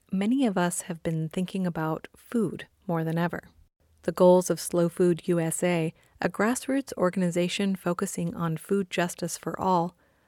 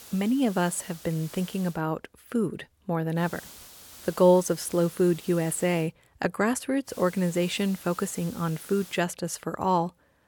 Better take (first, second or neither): first